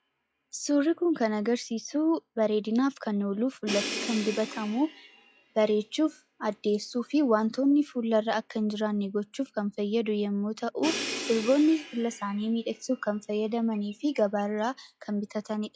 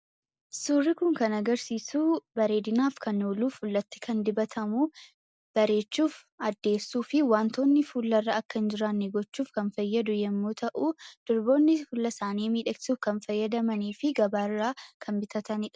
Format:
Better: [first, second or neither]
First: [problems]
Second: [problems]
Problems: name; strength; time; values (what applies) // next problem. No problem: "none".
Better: second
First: noise reduction (classical method log-MMSE)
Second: none